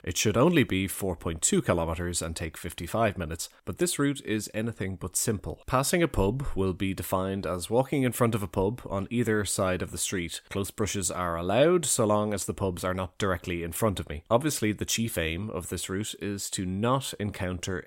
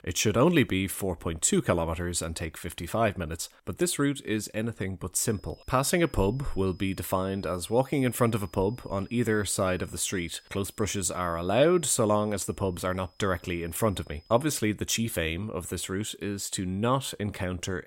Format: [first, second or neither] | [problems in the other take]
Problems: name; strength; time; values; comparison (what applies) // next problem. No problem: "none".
first | high-pitched whine; faint; from 5.5 to 14 s; 5 kHz, 30 dB below the speech